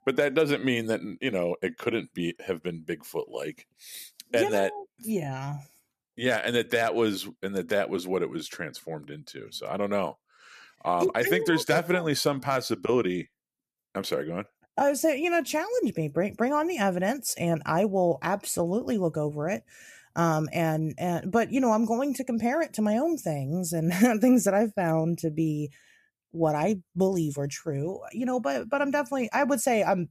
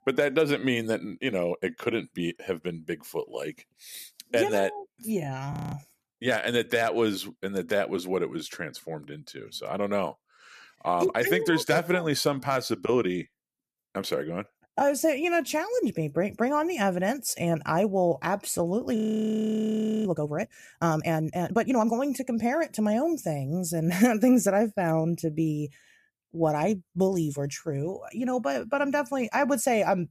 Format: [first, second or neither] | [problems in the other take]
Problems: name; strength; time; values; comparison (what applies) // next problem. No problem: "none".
first | audio freezing; at 5.5 s and at 19 s for 1 s